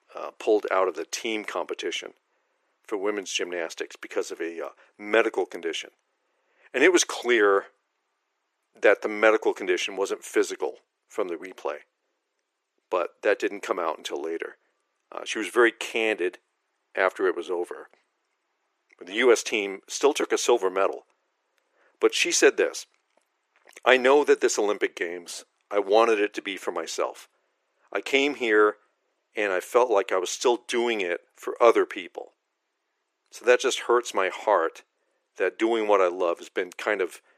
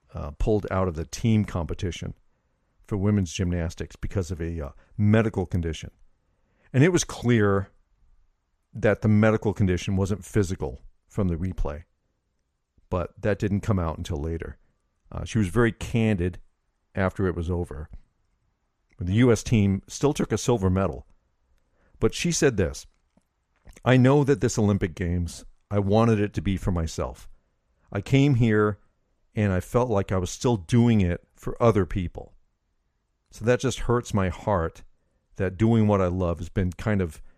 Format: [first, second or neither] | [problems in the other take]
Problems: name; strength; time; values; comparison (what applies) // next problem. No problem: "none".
second | thin; very; fading below 350 Hz